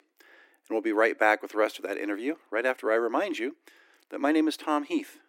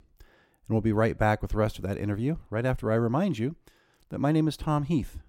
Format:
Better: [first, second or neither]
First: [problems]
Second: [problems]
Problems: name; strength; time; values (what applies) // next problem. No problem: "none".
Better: second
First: thin; somewhat; fading below 300 Hz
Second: none